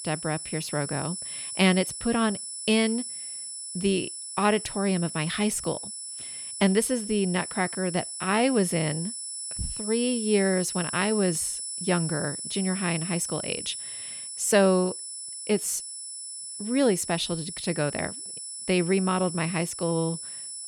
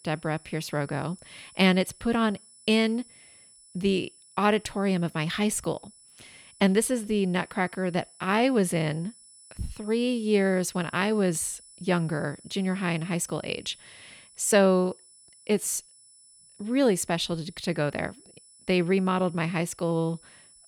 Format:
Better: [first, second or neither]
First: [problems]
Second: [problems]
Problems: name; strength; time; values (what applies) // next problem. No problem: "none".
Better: second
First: high-pitched whine; loud; throughout; 10 kHz, 7 dB below the speech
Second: high-pitched whine; faint; throughout; 10 kHz, 25 dB below the speech